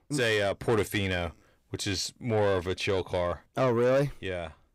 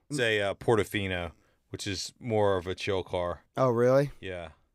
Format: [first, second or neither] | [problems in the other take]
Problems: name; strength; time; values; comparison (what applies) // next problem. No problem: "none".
second | distortion; slight; 10 dB below the speech